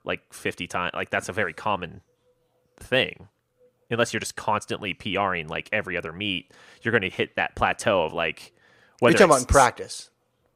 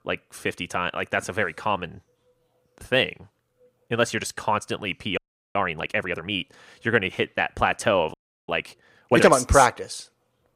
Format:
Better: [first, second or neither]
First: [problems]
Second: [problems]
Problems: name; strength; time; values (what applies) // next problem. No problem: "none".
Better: first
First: none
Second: audio freezing; at 5 s and at 8 s